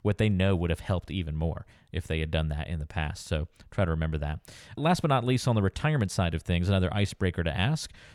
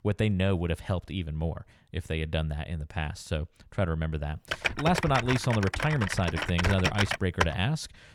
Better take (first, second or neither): first